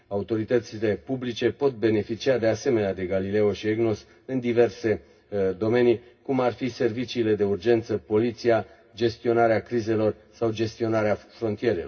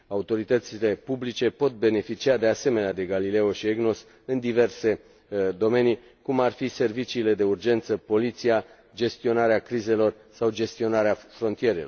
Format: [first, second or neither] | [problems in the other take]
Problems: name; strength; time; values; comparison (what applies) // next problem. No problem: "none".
second | room echo; dies away in 0.4 s